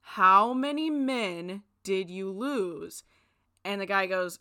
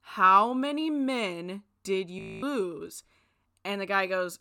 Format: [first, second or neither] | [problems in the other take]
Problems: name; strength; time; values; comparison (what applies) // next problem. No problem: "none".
first | audio freezing; at 2 s